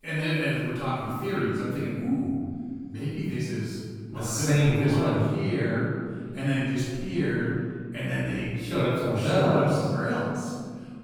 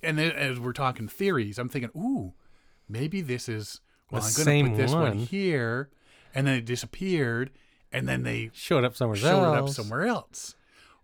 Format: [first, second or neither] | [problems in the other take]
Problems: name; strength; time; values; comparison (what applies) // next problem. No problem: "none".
second | room echo; strong; dies away in 2 s // off-mic speech; far